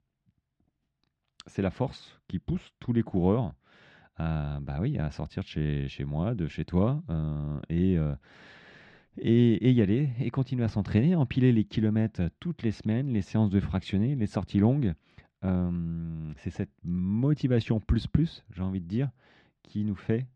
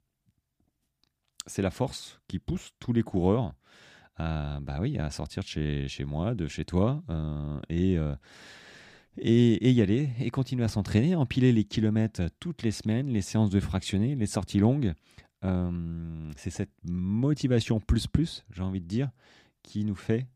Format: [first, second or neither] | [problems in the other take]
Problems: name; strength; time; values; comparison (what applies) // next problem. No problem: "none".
second | muffled; slightly; fading above 3 kHz